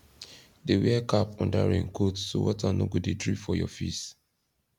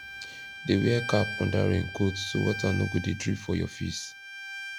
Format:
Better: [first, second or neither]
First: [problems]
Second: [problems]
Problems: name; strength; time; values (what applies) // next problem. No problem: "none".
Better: first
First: none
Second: background sound (Bowed string instrument); 10 dB below the speech